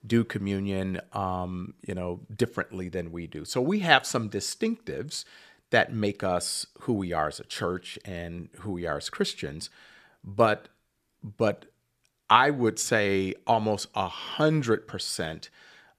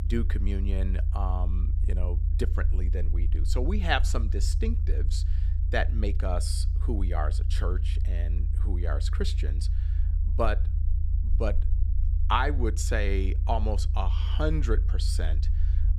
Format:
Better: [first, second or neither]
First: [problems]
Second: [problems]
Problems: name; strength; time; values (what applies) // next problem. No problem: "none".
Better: first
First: none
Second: low rumble; noticeable; throughout; 15 dB below the speech